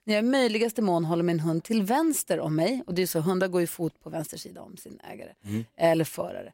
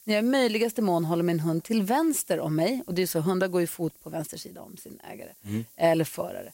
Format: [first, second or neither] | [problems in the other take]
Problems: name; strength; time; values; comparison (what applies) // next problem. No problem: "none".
first | hiss; faint; throughout; 25 dB below the speech